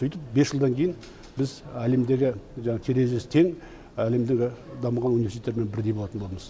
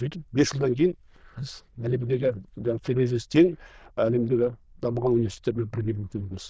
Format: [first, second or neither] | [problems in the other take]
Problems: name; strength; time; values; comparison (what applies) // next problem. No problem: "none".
first | noise reduction (neural diffusion model UNIVERSE++)